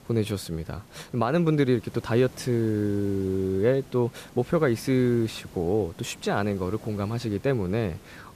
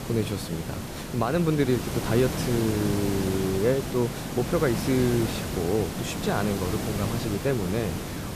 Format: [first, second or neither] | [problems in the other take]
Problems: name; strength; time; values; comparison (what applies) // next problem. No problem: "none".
first | hiss; loud; throughout; 4 dB below the speech; faint in the first